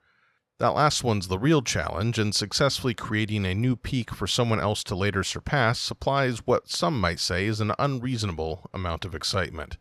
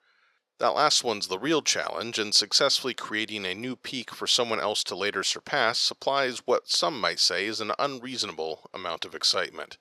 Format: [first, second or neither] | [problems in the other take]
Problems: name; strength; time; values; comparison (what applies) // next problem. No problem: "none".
first | thin; somewhat; fading below 400 Hz